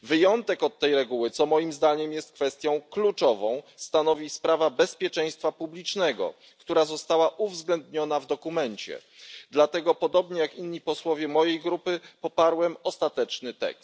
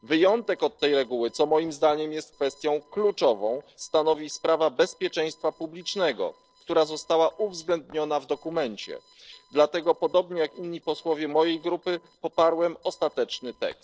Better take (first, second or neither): first